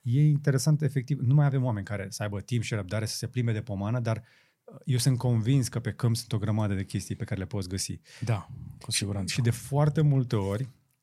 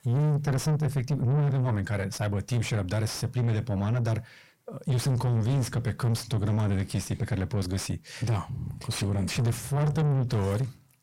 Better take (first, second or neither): first